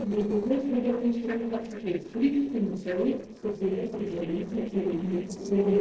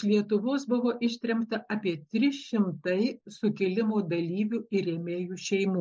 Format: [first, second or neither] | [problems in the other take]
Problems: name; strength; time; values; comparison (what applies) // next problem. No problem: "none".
second | noise reduction (neural separator model SepFormer DNS4)